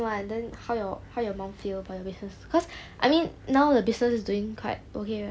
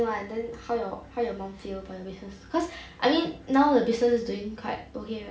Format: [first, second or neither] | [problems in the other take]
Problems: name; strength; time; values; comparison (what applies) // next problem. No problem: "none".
first | room echo; dies away in 0.4 s